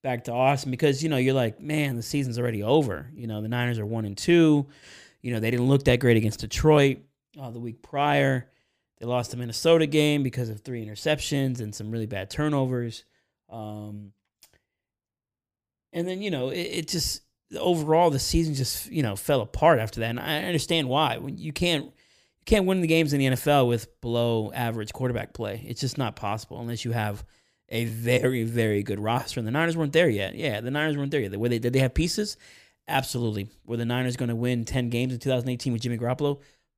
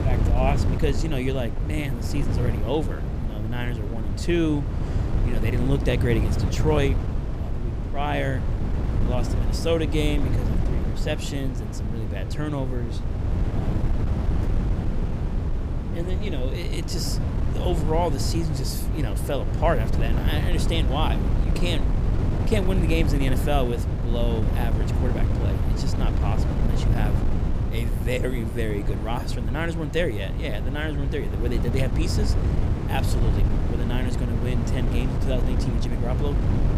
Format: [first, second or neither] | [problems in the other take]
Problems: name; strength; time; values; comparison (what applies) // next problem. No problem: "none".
first | wind noise on the microphone; heavy; 5 dB below the speech